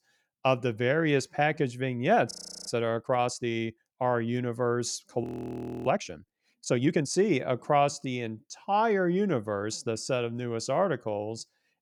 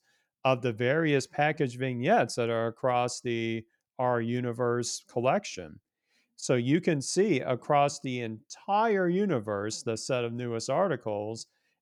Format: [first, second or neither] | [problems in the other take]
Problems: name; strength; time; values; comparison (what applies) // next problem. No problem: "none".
second | audio freezing; at 2.5 s and at 5 s for 0.5 s